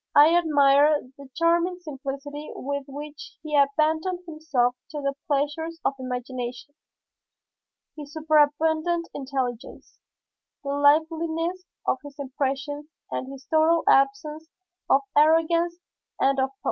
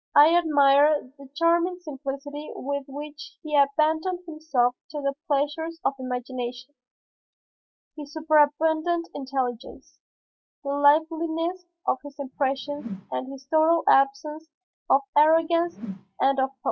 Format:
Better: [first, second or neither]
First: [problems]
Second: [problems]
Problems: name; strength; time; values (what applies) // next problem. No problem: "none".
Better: first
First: none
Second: noise reduction (classical method log-MMSE)